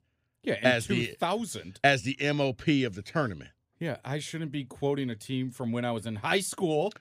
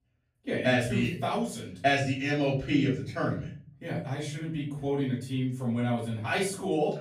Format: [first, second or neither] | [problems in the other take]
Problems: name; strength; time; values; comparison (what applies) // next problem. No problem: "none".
first | off-mic speech; far // room echo; noticeable; dies away in 0.5 s